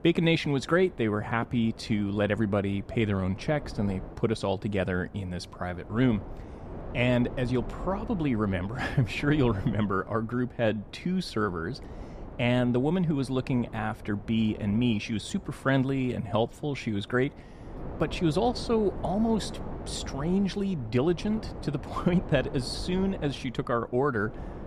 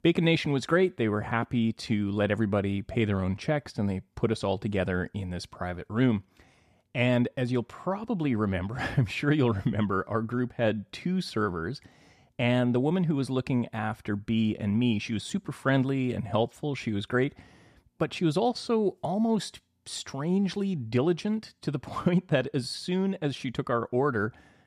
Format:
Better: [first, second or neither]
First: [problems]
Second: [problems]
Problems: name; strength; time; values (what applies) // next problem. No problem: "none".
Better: second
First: wind noise on the microphone; occasional gusts; 15 dB below the speech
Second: none